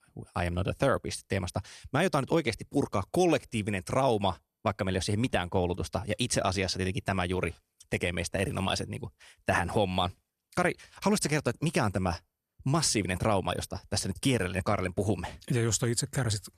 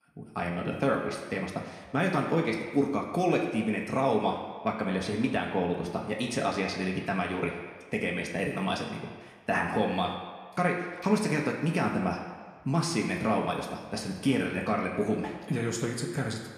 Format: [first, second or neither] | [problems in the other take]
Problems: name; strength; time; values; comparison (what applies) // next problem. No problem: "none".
first | room echo; noticeable; dies away in 1.6 s // off-mic speech; somewhat distant